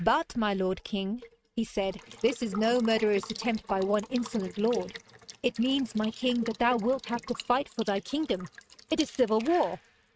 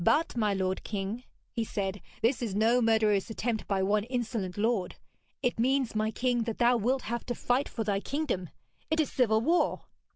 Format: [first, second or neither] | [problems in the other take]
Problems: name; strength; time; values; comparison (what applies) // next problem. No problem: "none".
second | noise reduction (neural mask model RNNoise)